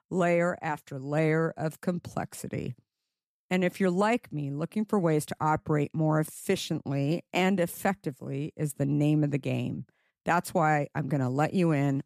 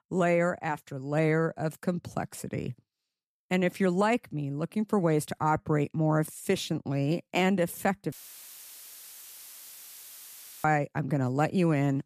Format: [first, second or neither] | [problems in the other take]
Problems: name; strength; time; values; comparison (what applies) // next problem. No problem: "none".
first | audio cutting out; filled with static; at 8 s for 2.5 s